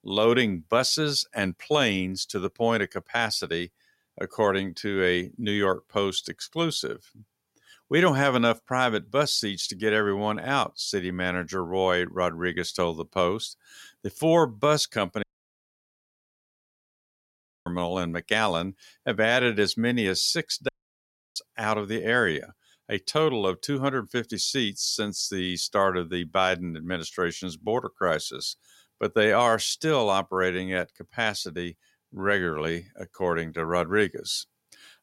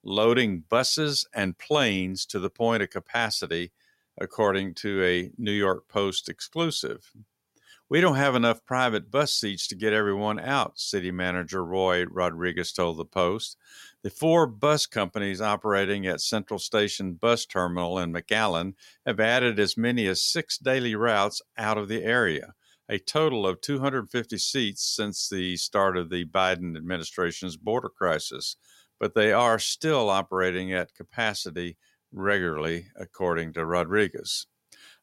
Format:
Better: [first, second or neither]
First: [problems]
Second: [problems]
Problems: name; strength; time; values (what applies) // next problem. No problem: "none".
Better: second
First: audio cutting out; at 15 s for 2.5 s and at 21 s for 0.5 s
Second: none